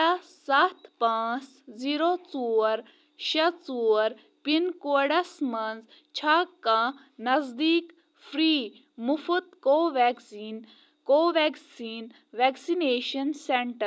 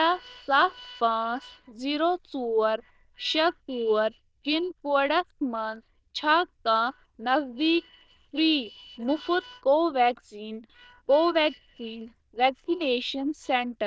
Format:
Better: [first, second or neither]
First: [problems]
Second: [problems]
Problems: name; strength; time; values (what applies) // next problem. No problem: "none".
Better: first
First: none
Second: noise reduction (neural diffusion model UNIVERSE++)